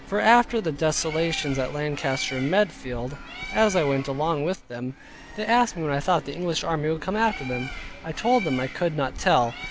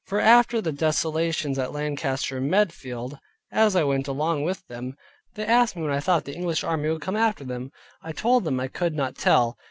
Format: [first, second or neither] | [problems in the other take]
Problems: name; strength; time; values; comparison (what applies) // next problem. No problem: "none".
second | background sound (Bird); 13 dB below the speech